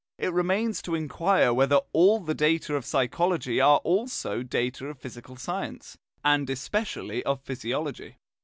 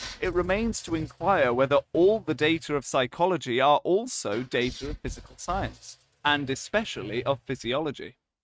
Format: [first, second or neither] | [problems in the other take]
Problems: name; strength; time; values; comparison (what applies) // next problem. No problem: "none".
first | noise reduction (neural mask model RNNoise)